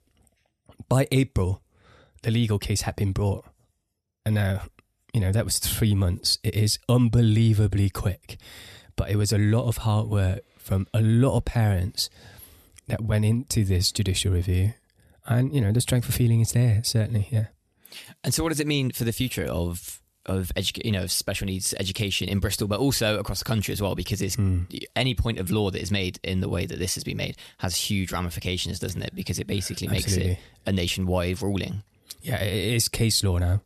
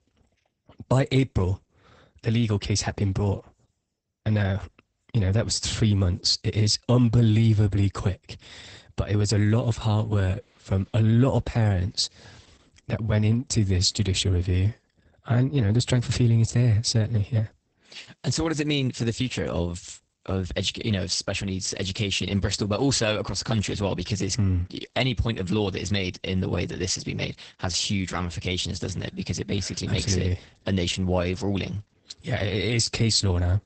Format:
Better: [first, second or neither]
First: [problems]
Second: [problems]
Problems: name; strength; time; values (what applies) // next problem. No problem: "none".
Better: first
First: none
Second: garbled, watery; badly; nothing above 8 kHz